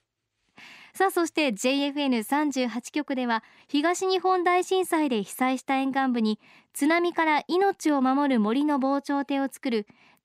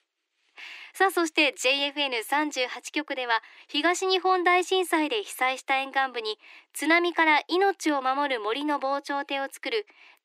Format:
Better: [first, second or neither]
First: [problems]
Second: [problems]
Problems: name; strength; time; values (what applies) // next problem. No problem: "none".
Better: first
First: none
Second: thin; somewhat; fading below 300 Hz